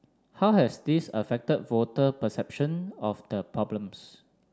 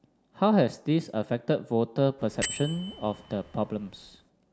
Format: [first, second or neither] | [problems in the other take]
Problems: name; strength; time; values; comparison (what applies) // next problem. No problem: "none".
first | background sound (Bell); 11 dB below the speech